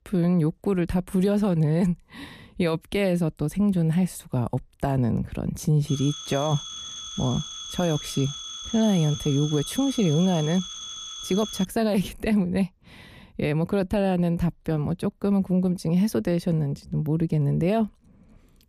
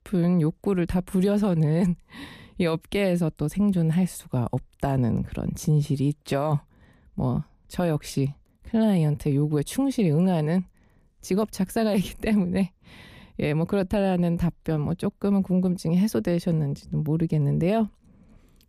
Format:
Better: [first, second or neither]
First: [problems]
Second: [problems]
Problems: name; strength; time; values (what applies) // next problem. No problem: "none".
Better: second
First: phone ringing; noticeable; from 6 to 12 s; peak 9 dB below the speech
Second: none